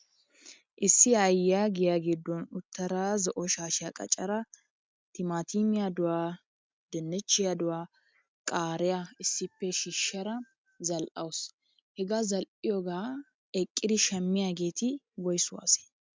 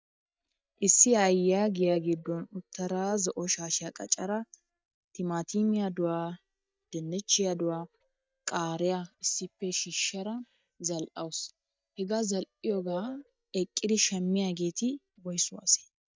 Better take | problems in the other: first | noise reduction (neural mask model DeepFilterNet 3)

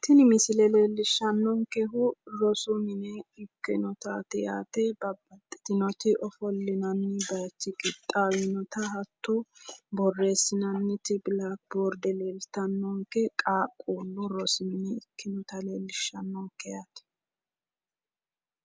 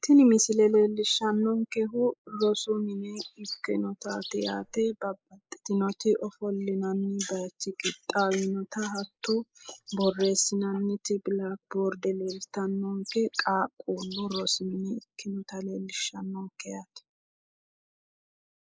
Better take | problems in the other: first | noise reduction (neural mask model Resemble Enhance denoiser)

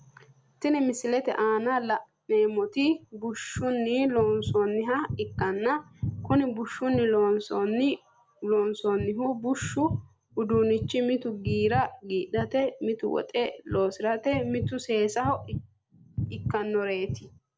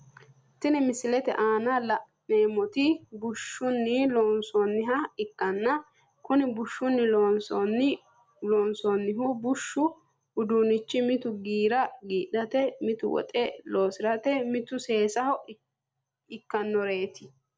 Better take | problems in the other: second | background sound (Bass guitar); 9 dB below the speech

